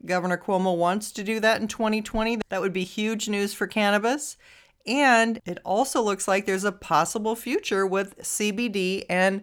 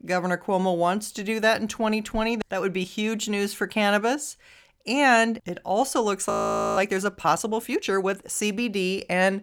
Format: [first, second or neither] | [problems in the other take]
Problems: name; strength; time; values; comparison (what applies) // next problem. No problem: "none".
first | audio freezing; at 6.5 s